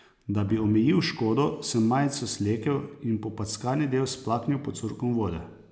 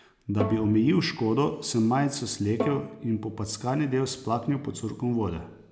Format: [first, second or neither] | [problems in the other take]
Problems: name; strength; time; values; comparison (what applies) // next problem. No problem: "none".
first | background sound (Bowed string instrument); 11 dB below the speech